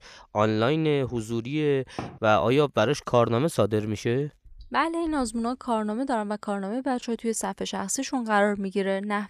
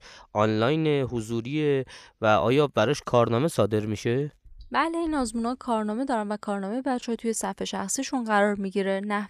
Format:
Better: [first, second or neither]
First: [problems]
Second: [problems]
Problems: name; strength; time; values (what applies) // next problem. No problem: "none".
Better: second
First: door banging; faint; at 2 s; peak 10 dB below the speech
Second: none